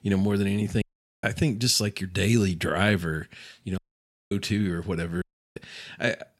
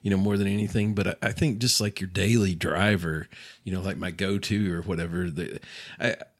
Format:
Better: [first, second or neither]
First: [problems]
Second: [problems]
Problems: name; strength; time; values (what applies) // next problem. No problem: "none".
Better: second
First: audio cutting out; at 1 s, at 4 s for 0.5 s and at 5 s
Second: none